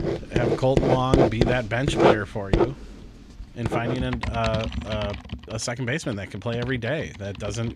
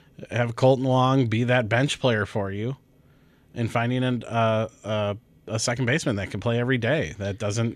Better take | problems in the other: second | household noises; very loud; throughout; 2 dB above the speech

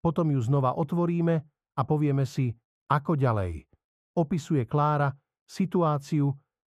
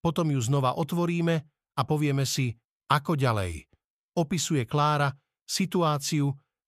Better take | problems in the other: second | muffled; very; fading above 2 kHz

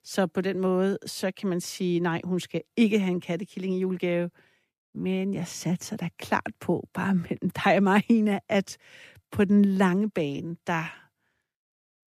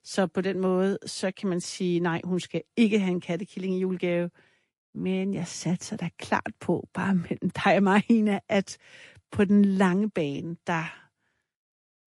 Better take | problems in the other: first | garbled, watery; slightly; nothing above 11 kHz

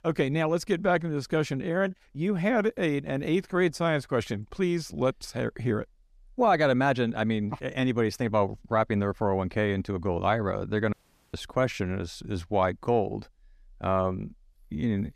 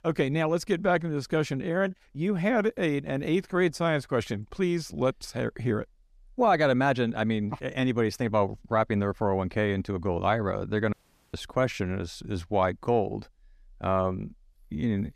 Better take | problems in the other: neither | audio cutting out; at 11 s; the same in both

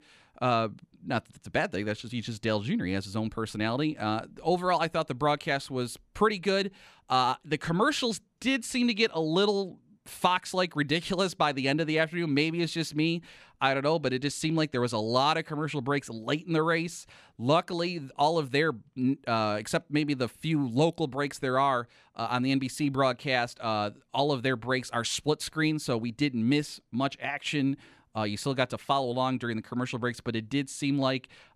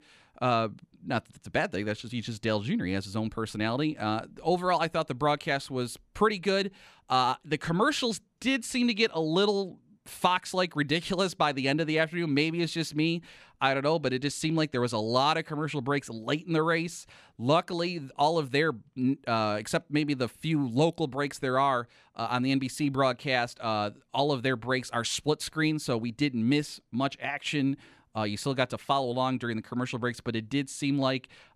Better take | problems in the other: neither | none

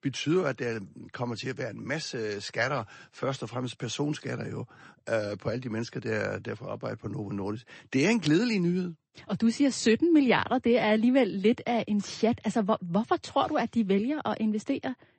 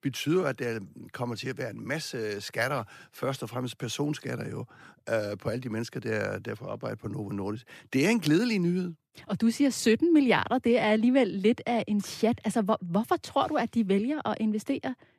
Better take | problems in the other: second | garbled, watery; slightly; nothing above 8 kHz

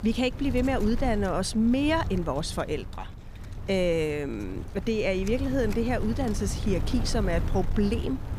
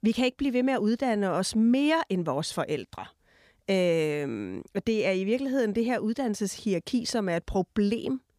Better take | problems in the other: second | wind noise on the microphone; occasional gusts; 15 dB below the speech

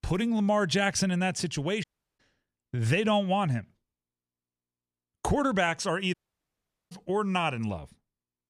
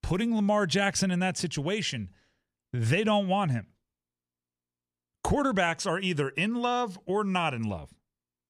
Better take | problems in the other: second | audio cutting out; at 2 s and at 6 s for 1 s

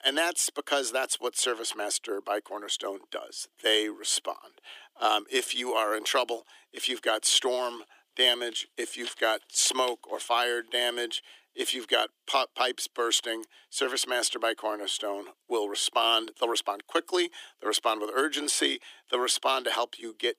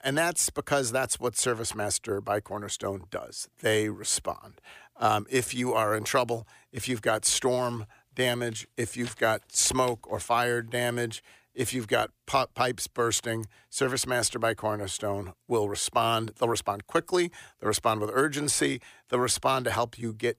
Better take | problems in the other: second | thin; somewhat; fading below 300 Hz

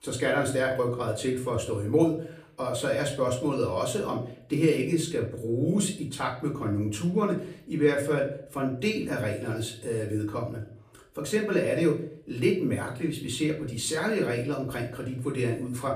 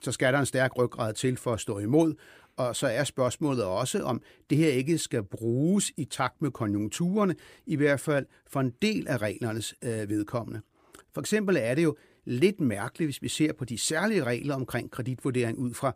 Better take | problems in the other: second | off-mic speech; far // room echo; slight; dies away in 0.4 s

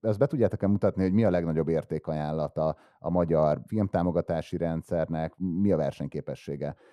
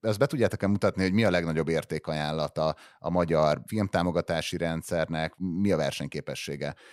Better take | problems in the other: second | muffled; very; fading above 1.5 kHz

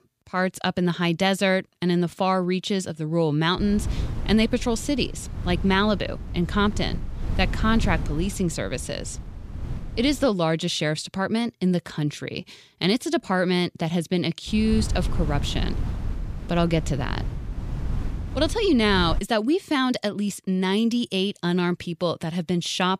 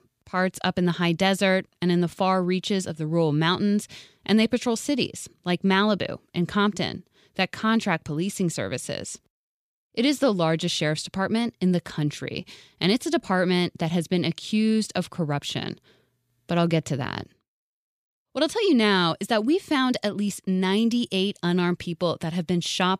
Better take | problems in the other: second | wind noise on the microphone; occasional gusts; from 3.5 to 10 s and from 14 to 19 s; 15 dB below the speech

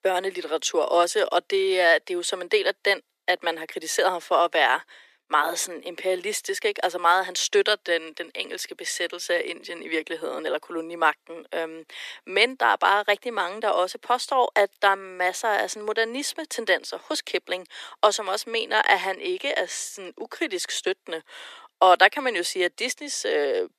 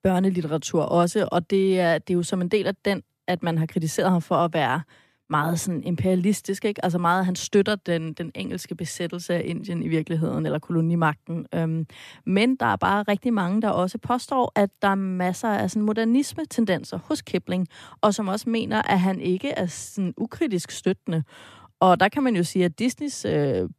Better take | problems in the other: second | thin; very; fading below 400 Hz

